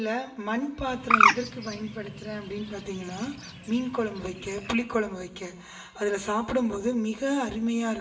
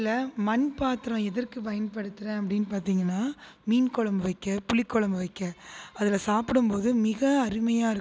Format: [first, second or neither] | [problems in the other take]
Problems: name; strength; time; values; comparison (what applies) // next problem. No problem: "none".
second | background sound (Bird); 1 dB above the speech // room echo; dies away in 1.4 s